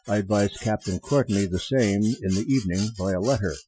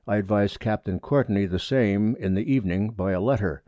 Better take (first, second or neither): second